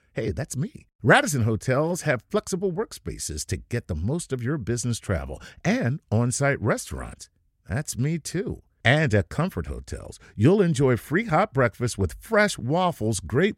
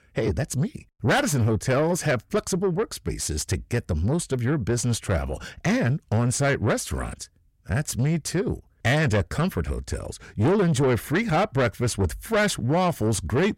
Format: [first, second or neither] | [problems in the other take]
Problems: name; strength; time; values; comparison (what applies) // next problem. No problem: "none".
first | distortion; heavy; 8 dB below the speech